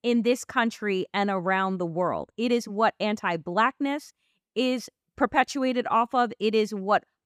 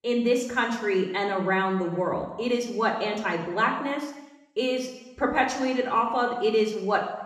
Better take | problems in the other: first | room echo; noticeable; dies away in 0.9 s // off-mic speech; somewhat distant

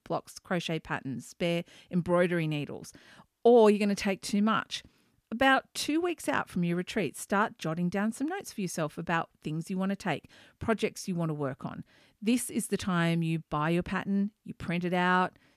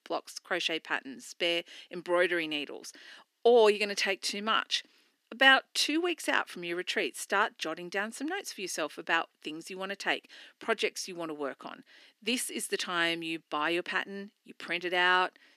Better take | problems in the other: first | thin; somewhat; fading below 300 Hz

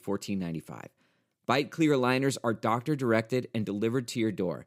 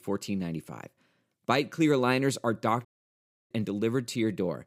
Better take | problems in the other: first | audio cutting out; at 3 s for 0.5 s

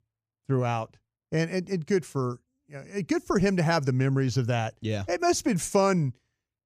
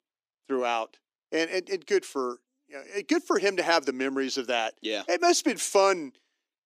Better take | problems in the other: first | thin; somewhat; fading below 300 Hz

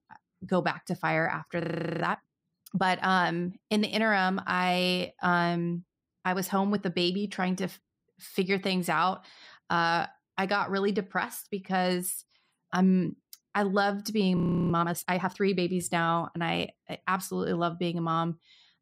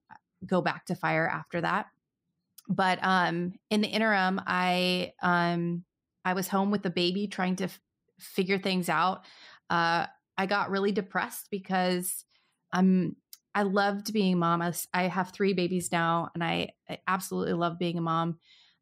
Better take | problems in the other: second | audio freezing; at 1.5 s and at 14 s

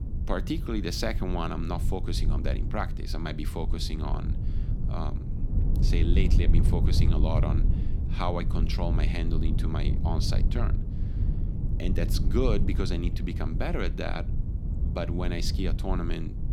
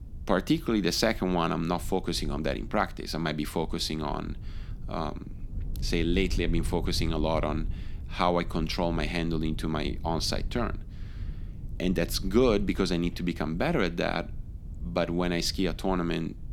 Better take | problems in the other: second | low rumble; loud; throughout; 8 dB below the speech; faint in the second

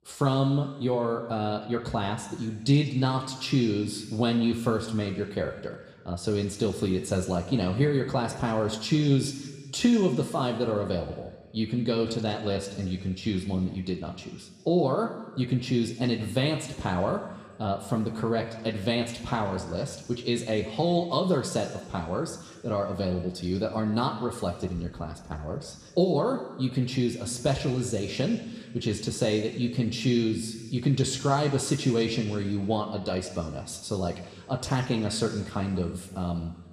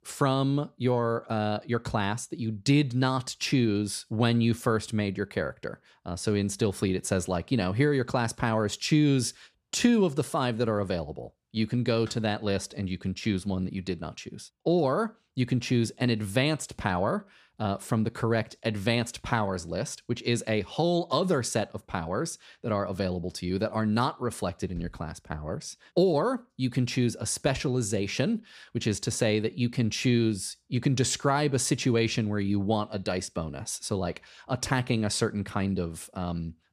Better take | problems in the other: second | room echo; slight; dies away in 1.4 s

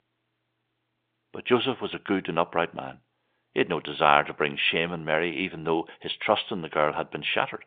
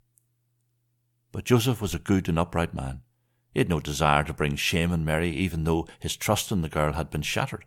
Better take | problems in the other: second | phone-call audio

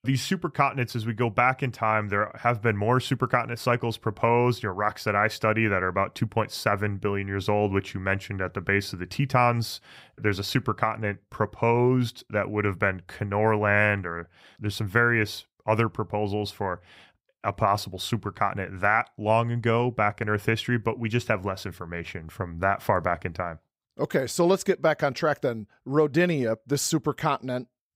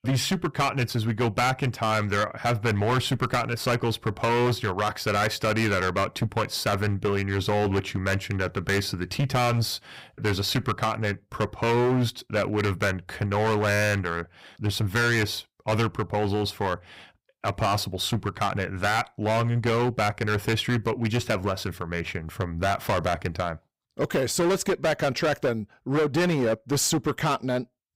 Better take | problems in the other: first | distortion; heavy; 14% of the sound clipped

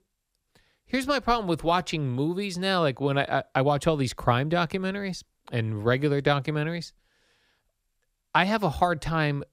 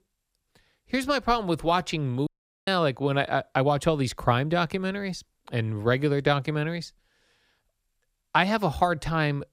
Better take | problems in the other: first | audio cutting out; at 2.5 s

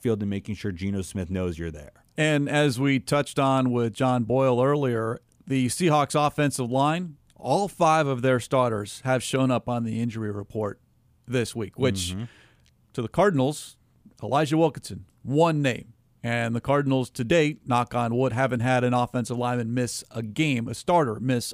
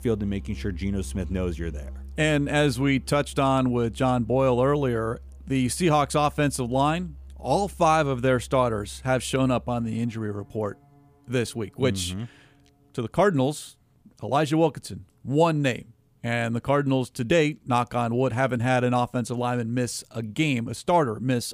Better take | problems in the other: first | background music; noticeable; throughout; 20 dB below the speech

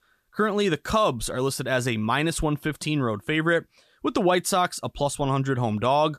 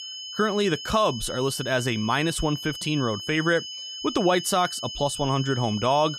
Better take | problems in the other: first | high-pitched whine; loud; throughout; 3 kHz, 9 dB below the speech

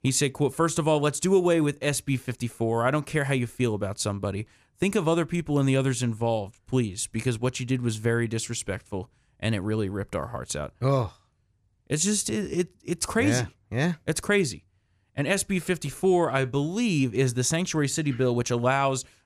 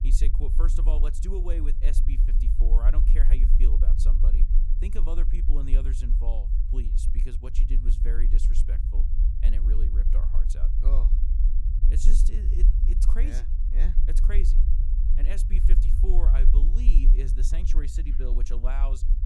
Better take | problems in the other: first | low rumble; loud; throughout; 5 dB below the speech

